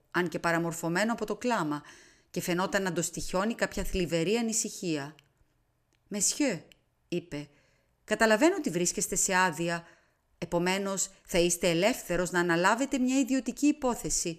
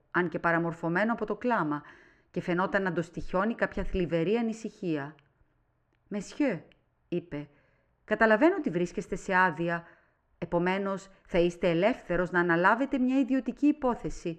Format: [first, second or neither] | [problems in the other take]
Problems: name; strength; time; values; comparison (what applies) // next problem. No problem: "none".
first | muffled; very; fading above 2 kHz